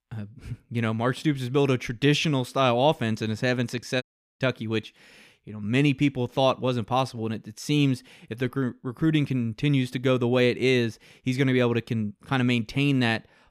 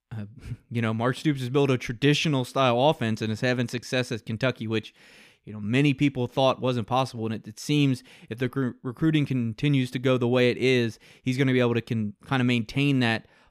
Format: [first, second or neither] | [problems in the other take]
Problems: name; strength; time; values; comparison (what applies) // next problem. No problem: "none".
second | audio cutting out; at 4 s